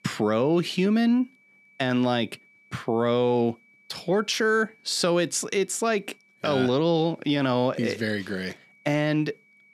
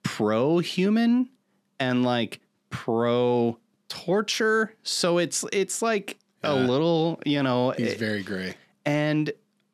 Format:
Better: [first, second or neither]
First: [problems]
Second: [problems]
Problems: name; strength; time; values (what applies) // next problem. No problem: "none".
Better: second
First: high-pitched whine; faint; throughout; 2.5 kHz, 30 dB below the speech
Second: none